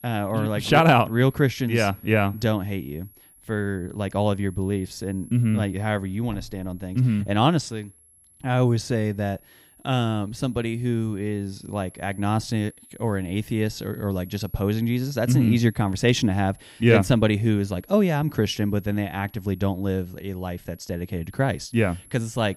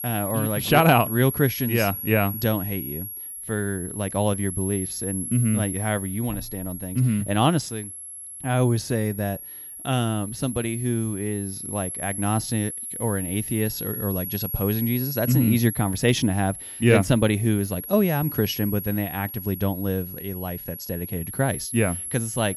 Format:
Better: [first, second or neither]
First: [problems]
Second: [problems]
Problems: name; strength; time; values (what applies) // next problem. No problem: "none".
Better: first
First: high-pitched whine; faint; throughout; 11 kHz, 25 dB below the speech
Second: high-pitched whine; loud; throughout; 11 kHz, 7 dB below the speech